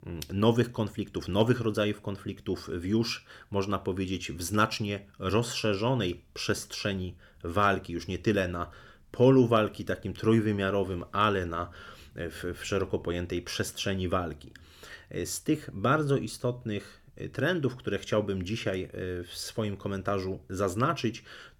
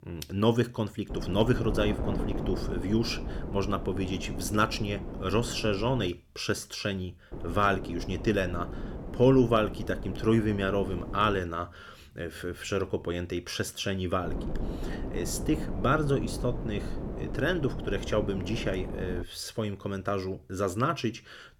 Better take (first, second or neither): first